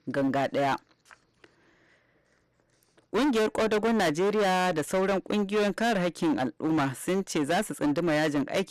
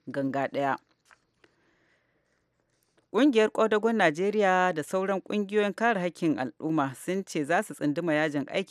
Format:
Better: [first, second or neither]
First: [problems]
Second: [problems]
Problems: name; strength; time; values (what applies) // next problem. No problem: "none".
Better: second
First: distortion; heavy; 19% of the sound clipped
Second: none